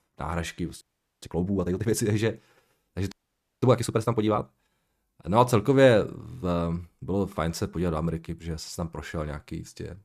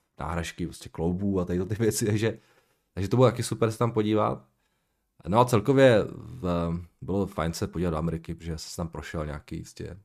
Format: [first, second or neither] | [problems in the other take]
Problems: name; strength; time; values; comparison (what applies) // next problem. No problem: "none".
second | audio freezing; at 1 s and at 3 s for 0.5 s